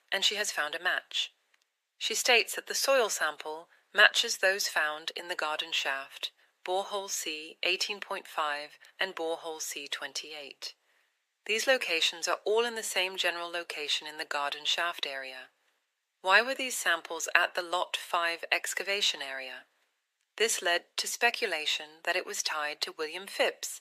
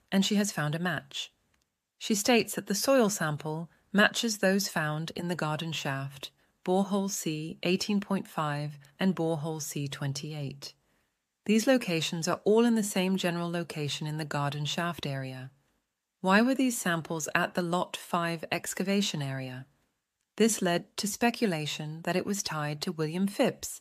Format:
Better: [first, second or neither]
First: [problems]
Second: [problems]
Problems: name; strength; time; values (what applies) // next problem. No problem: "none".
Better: second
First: thin; very; fading below 400 Hz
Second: none